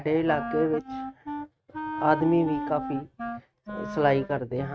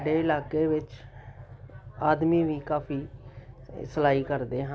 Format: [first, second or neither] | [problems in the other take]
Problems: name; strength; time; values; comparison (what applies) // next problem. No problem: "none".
second | noise reduction (neural mask model RNNoise)